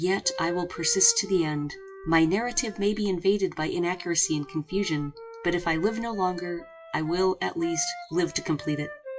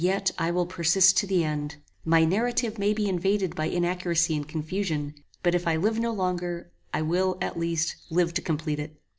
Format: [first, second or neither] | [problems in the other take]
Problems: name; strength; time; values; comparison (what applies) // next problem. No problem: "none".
second | noise reduction (classical method WPE with log-MMSE)